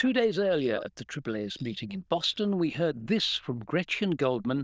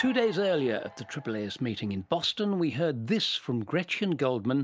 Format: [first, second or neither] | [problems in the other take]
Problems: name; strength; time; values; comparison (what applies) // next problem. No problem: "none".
second | noise reduction (neural diffusion model UNIVERSE++)